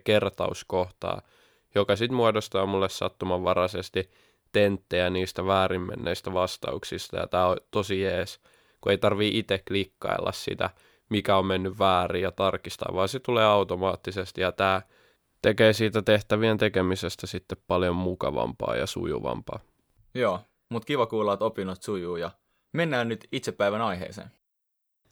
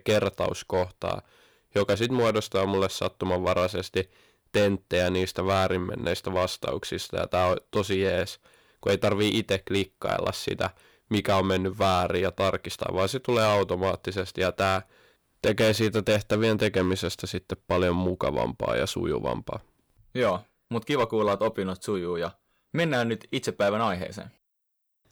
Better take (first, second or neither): first